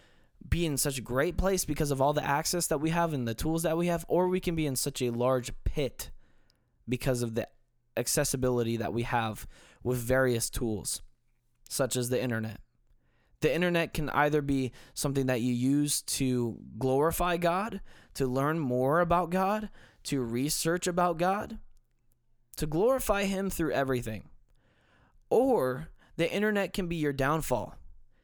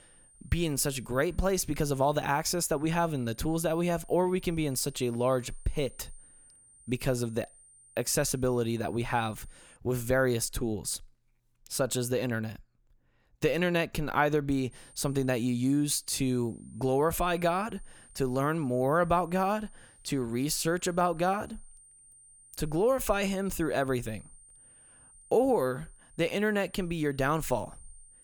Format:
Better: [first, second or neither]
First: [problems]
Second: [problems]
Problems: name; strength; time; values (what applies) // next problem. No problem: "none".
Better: first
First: none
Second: high-pitched whine; faint; until 10 s and from 15 s on; 9 kHz, 25 dB below the speech